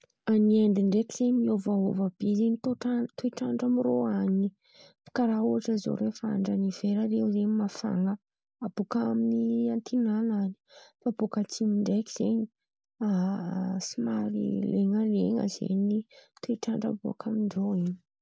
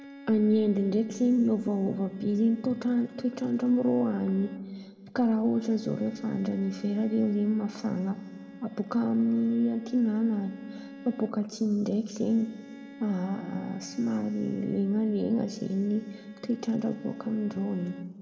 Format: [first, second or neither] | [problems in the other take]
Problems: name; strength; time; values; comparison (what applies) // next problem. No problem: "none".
first | background sound (Bowed string instrument); 19 dB below the speech // room echo; dies away in 1.8 s